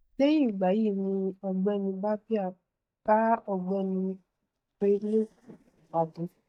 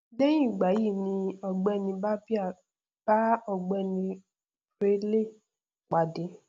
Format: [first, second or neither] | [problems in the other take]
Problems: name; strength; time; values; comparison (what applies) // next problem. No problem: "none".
second | noise reduction (neural mask model DeepFilterNet 3)